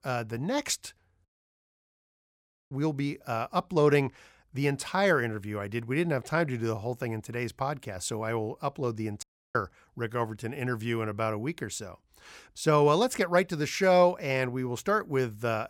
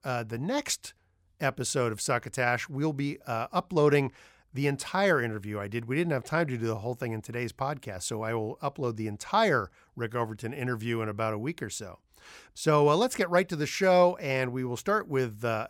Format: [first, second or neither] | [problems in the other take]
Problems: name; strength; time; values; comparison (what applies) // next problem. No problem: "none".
second | audio cutting out; at 1.5 s for 1.5 s and at 9 s